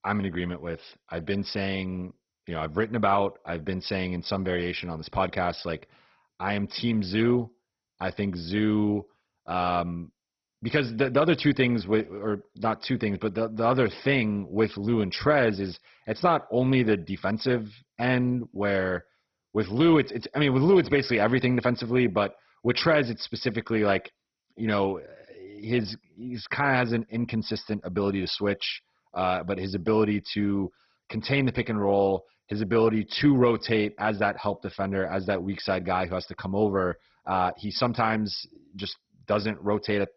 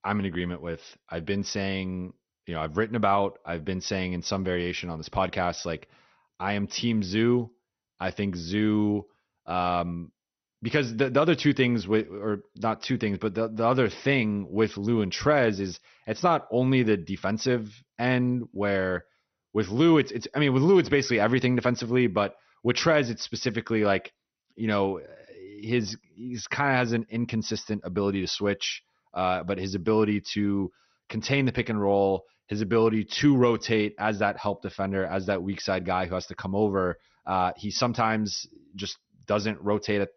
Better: second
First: garbled, watery; badly; nothing above 5.5 kHz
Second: garbled, watery; slightly; nothing above 6 kHz

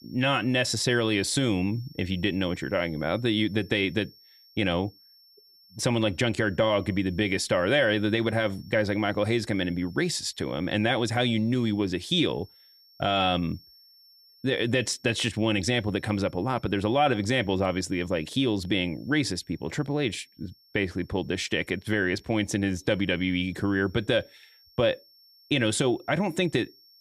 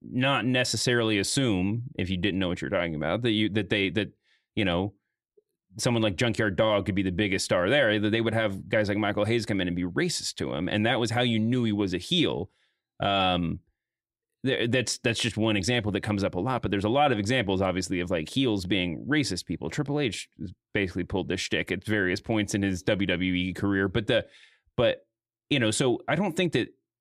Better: second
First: high-pitched whine; faint; throughout; 5.5 kHz, 30 dB below the speech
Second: none

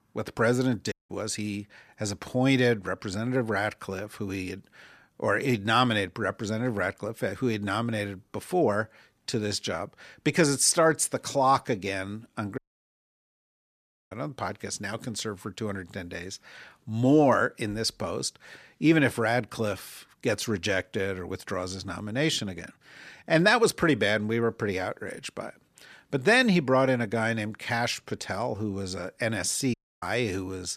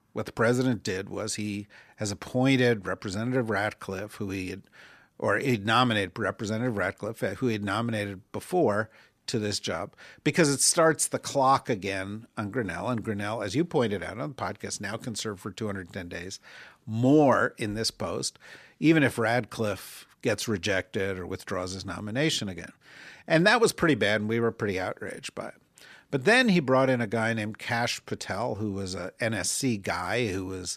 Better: second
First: audio cutting out; at 1 s, at 13 s for 1.5 s and at 30 s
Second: none

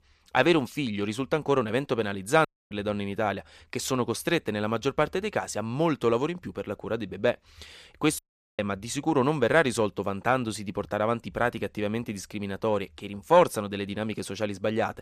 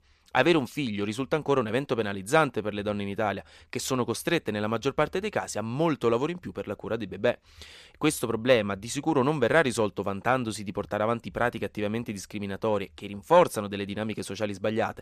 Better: second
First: audio cutting out; at 2.5 s and at 8 s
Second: none

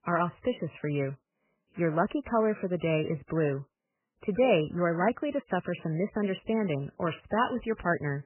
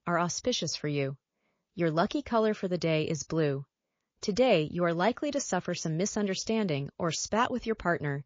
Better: second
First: garbled, watery; badly; nothing above 3 kHz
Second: garbled, watery; slightly

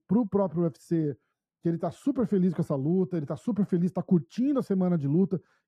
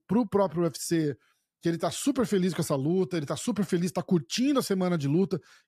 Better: second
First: muffled; very; fading above 1.5 kHz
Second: none

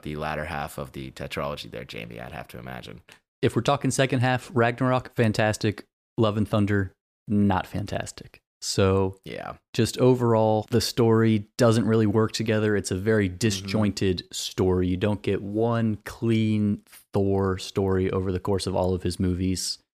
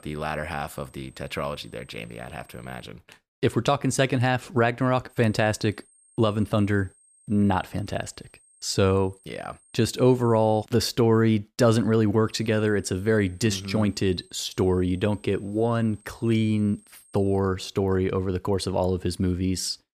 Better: first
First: none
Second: high-pitched whine; faint; until 3 s, from 5 to 11 s and from 12 to 17 s; 8.5 kHz, 30 dB below the speech

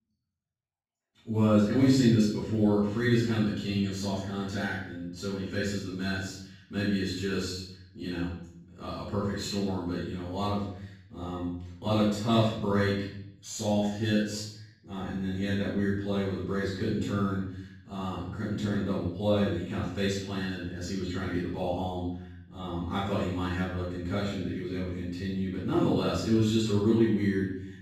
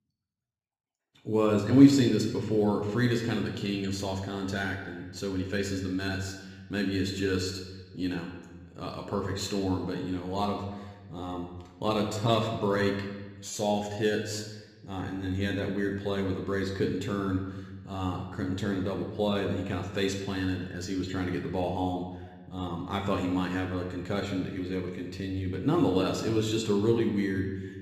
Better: second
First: room echo; strong; dies away in 0.7 s // off-mic speech; far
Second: room echo; slight; dies away in 1 s // off-mic speech; somewhat distant

